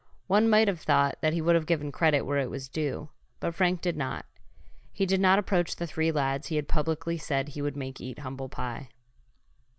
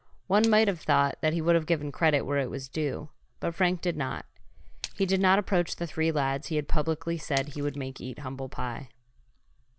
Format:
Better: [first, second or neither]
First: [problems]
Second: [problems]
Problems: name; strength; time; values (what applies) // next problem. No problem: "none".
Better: first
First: none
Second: background sound (Splash, splatter); 18 dB below the speech